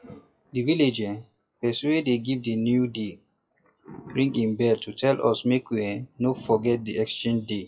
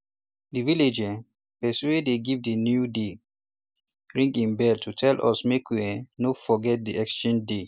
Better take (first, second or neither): second